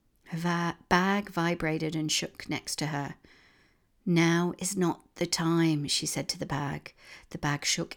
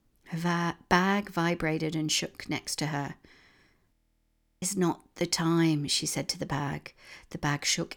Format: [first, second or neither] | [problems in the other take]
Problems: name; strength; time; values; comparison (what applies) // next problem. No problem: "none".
first | audio freezing; at 4 s for 0.5 s